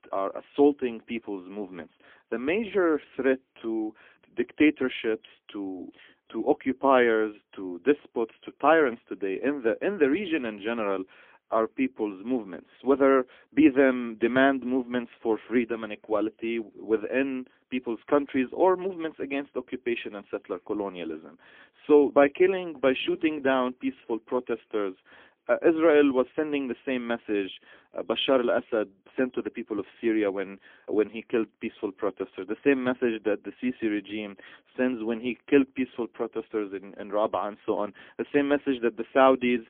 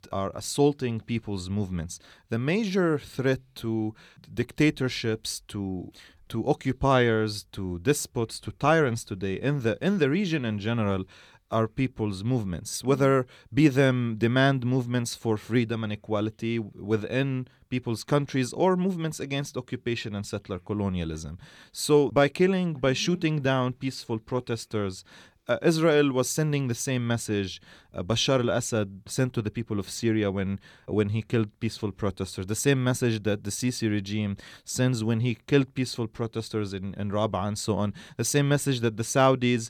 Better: second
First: phone-call audio; poor line; nothing above 3.5 kHz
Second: none

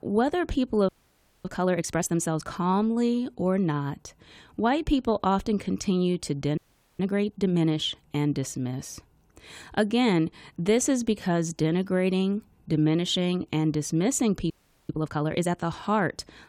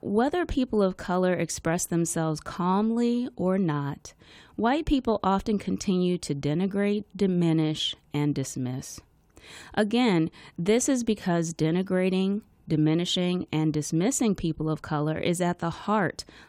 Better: second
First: audio freezing; at 1 s for 0.5 s, at 6.5 s and at 15 s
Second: none

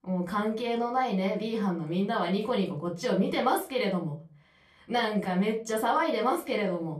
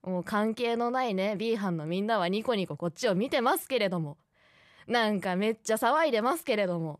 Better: second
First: off-mic speech; far // room echo; very slight; dies away in 0.3 s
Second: none

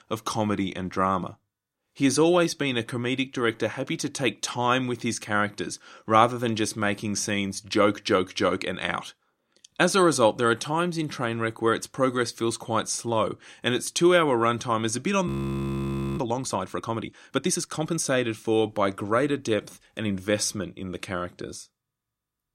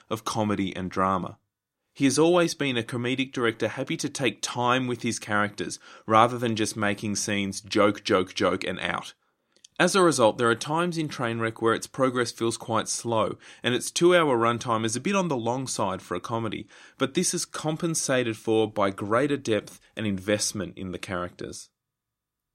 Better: second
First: audio freezing; at 15 s for 1 s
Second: none

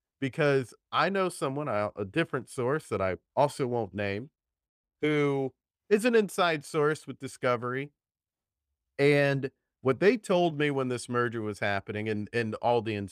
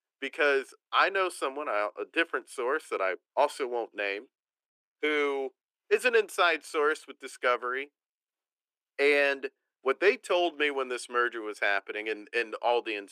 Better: first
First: none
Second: thin; very; fading below 300 Hz

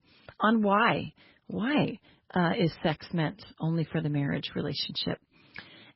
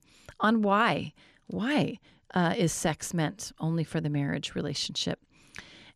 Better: second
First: garbled, watery; badly; nothing above 5.5 kHz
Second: none

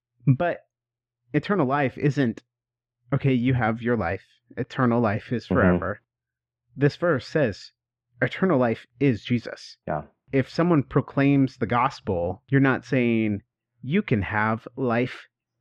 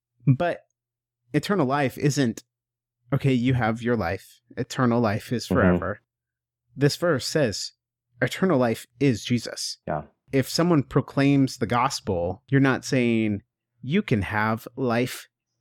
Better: second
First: muffled; slightly; fading above 2.5 kHz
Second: none

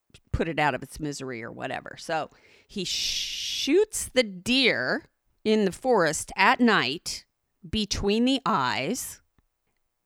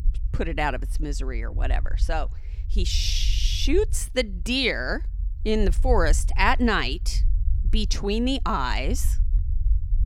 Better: first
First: none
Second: low rumble; faint; throughout; 25 dB below the speech

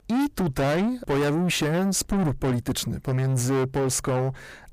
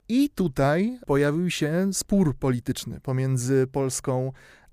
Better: second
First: distortion; heavy; 7 dB below the speech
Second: none

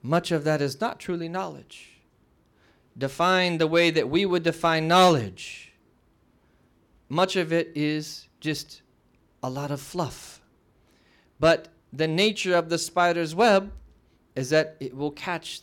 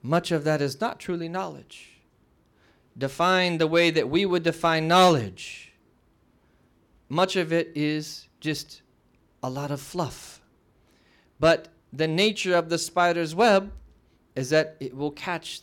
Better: neither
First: none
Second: none

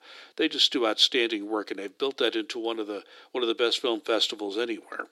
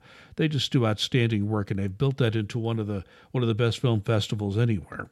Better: second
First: thin; very; fading below 300 Hz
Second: none

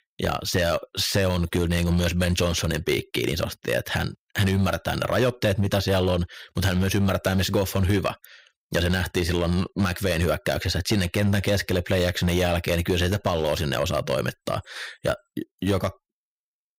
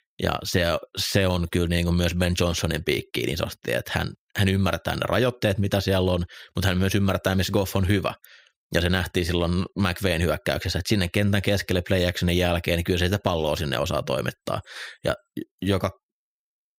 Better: second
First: distortion; slight; 4% of the sound clipped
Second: none

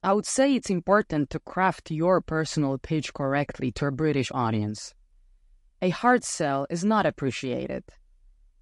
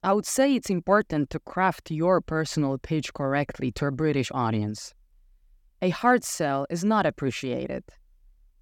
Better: second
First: garbled, watery; slightly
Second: none

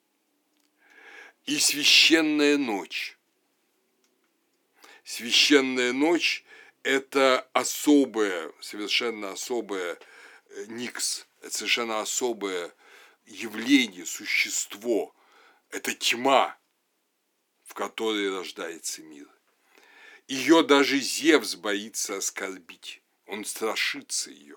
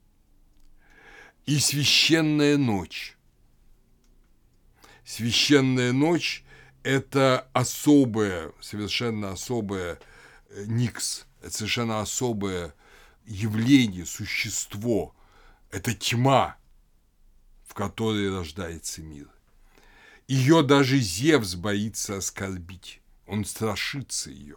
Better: second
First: thin; very slightly; fading below 300 Hz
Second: none

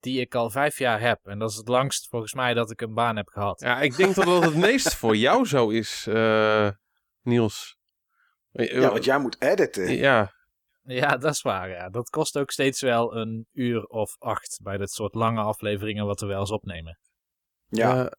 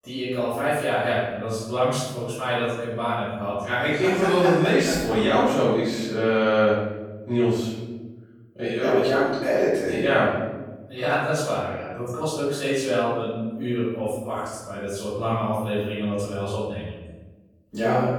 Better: first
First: none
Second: room echo; strong; dies away in 1.2 s // off-mic speech; far

